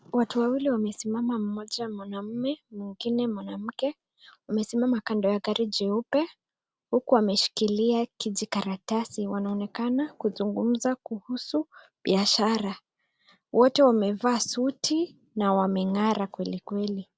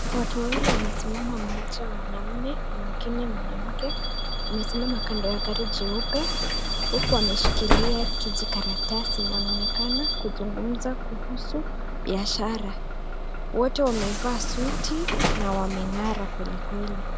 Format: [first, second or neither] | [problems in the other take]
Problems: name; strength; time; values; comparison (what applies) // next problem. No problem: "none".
first | background sound (Bus / Alarm); 4 dB above the speech